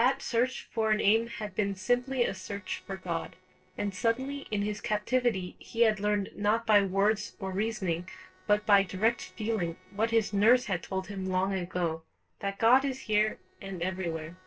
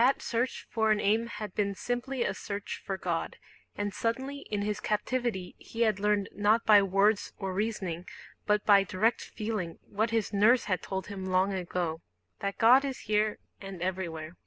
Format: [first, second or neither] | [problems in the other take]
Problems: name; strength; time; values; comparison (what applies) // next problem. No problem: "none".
second | noise reduction (neural separator model SepFormer DNS4)